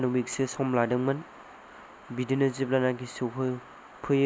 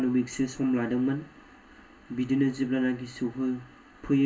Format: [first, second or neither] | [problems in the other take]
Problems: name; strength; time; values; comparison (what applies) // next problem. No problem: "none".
first | room echo; dies away in 0.2 s